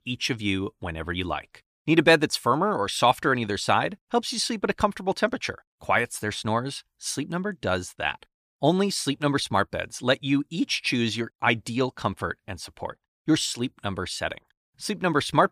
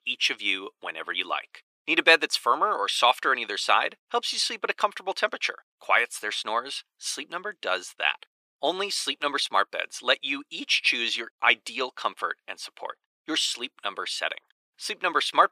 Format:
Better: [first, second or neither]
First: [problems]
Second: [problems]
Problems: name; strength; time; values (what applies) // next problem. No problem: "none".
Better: first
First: none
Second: thin; very; fading below 400 Hz